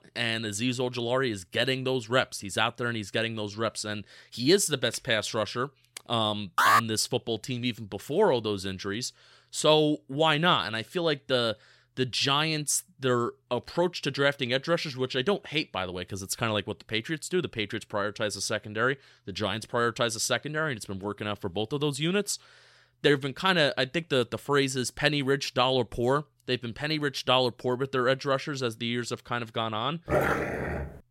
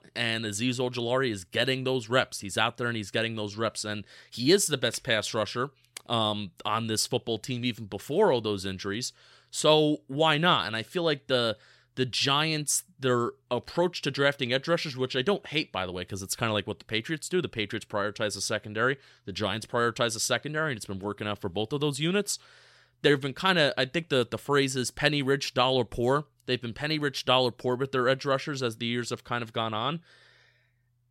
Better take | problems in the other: second | alarm; loud; at 6.5 s; peak 6 dB above the speech // dog barking; loud; at 30 s; peak 2 dB above the speech

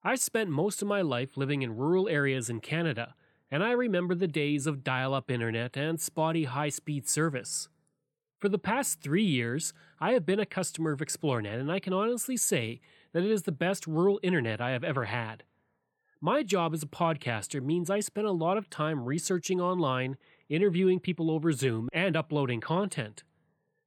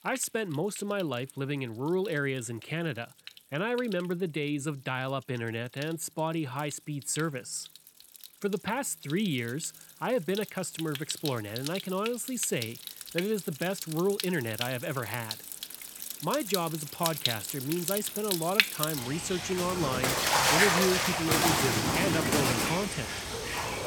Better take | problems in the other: first | rain or running water; very loud; throughout; 2 dB above the speech

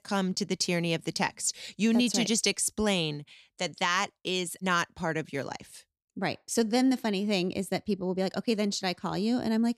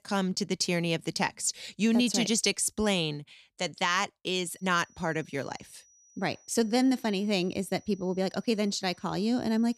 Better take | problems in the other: first | high-pitched whine; faint; from 4.5 s on; 6 kHz, 30 dB below the speech

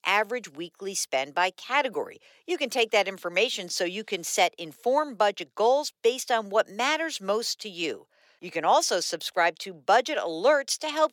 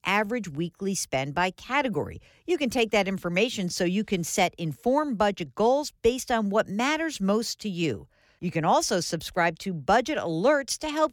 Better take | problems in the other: second | thin; somewhat; fading below 500 Hz

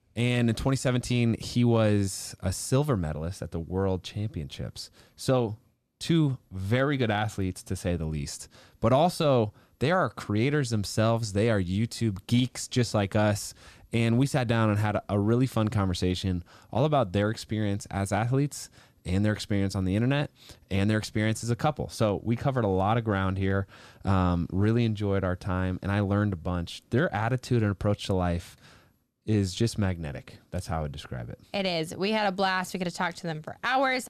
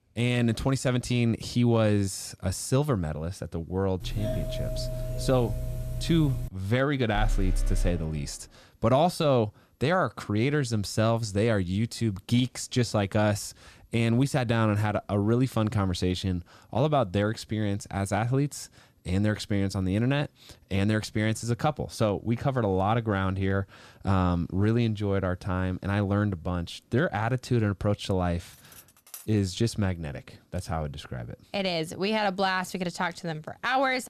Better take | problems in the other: first | doorbell; noticeable; from 4 to 6.5 s; peak 5 dB below the speech // alarm; noticeable; from 7 to 8.5 s; peak 4 dB below the speech // clattering dishes; faint; at 29 s; peak 15 dB below the speech

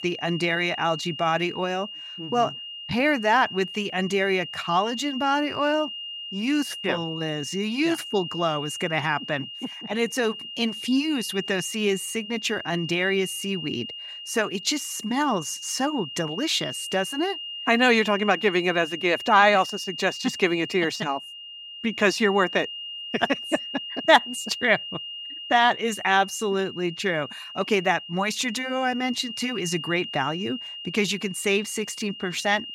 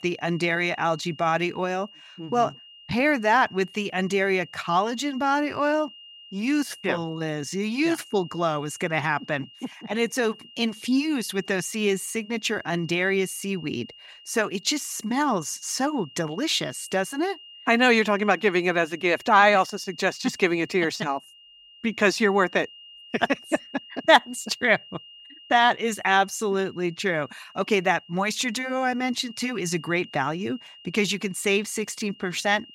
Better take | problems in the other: second | high-pitched whine; loud; throughout; 3 kHz, 9 dB below the speech; faint in the second

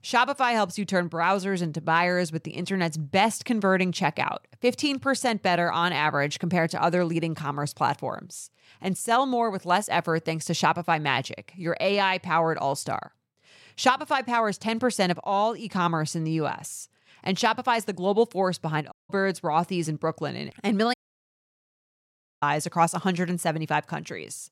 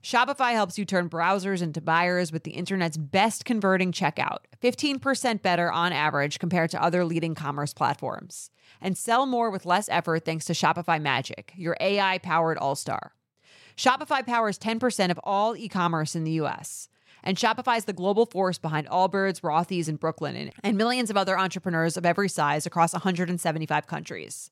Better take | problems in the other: second | audio cutting out; at 19 s and at 21 s for 1.5 s

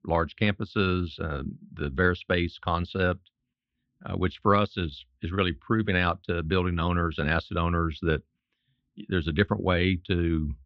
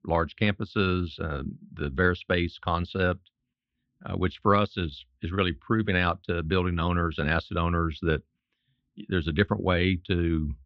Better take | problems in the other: neither | muffled; very; fading above 3.5 kHz; the same in both

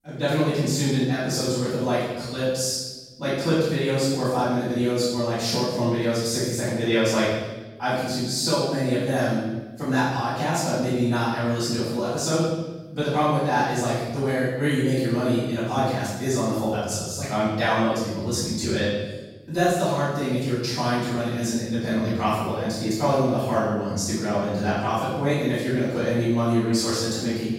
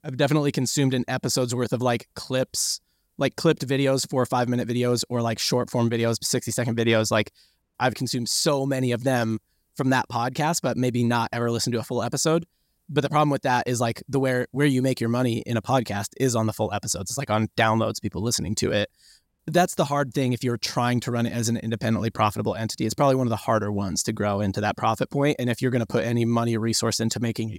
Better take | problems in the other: second | off-mic speech; far // room echo; strong; dies away in 1 s

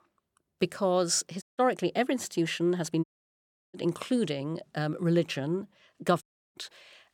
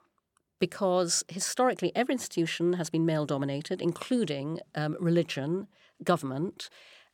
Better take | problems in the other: second | audio cutting out; at 1.5 s, at 3 s for 0.5 s and at 6 s

